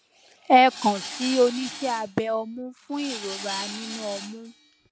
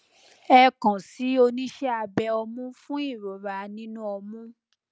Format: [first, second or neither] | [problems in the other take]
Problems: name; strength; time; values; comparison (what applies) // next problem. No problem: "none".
second | background sound (Tools); 12 dB below the speech